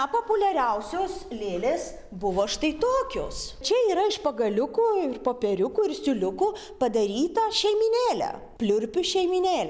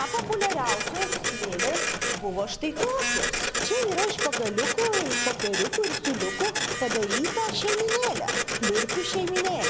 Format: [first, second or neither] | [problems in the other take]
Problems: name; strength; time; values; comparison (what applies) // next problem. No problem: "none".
first | background sound (Printer); as loud as the speech